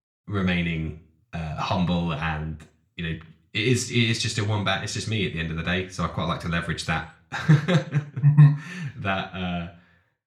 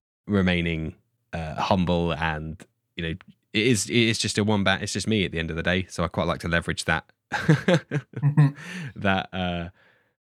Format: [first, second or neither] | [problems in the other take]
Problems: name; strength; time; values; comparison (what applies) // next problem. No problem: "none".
second | room echo; very slight; dies away in 0.3 s // off-mic speech; somewhat distant